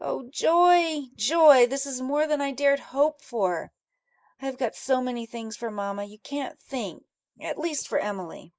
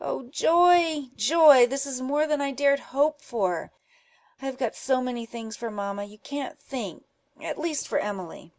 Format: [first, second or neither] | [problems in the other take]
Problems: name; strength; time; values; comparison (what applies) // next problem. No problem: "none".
second | noise reduction (neural mask model Resemble Enhance denoiser)